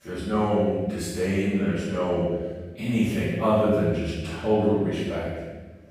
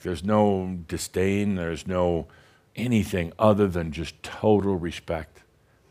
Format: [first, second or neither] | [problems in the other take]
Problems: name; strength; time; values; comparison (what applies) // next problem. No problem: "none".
second | off-mic speech; far // room echo; strong; dies away in 1.2 s